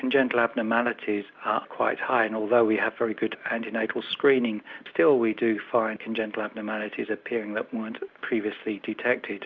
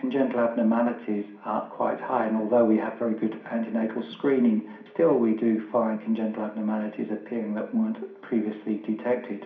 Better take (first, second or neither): first